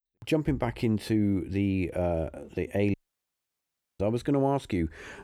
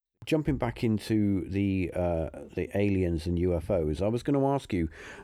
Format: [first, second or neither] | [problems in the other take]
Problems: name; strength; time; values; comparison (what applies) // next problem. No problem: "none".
second | audio cutting out; at 3 s for 1 s